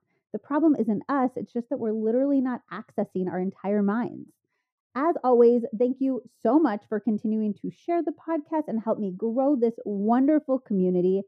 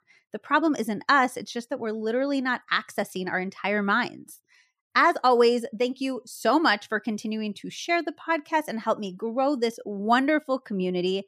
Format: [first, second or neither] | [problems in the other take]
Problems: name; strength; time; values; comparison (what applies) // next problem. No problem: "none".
second | muffled; very; fading above 1 kHz